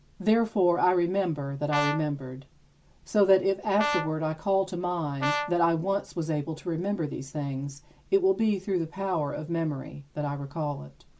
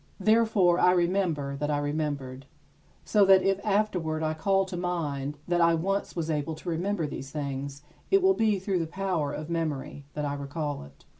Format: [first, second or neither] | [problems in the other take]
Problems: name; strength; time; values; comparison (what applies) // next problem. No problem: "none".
second | background sound (Brass instrument); 6 dB below the speech